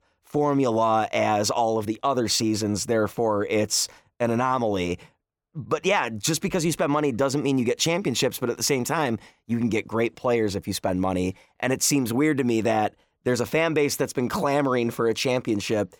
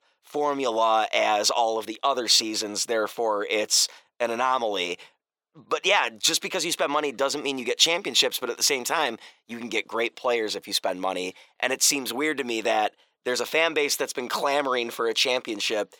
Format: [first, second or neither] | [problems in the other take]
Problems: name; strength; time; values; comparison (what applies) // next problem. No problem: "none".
first | thin; somewhat; fading below 500 Hz